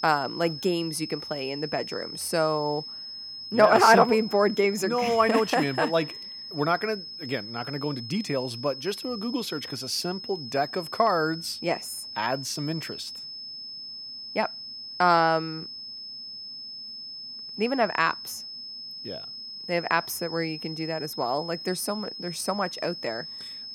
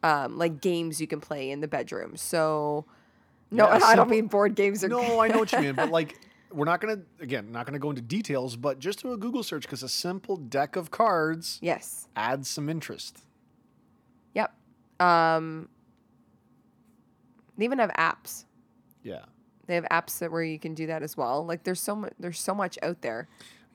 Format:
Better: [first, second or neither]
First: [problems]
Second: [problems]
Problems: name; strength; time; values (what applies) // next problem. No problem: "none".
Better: second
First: high-pitched whine; loud; throughout; 5 kHz, 10 dB below the speech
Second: none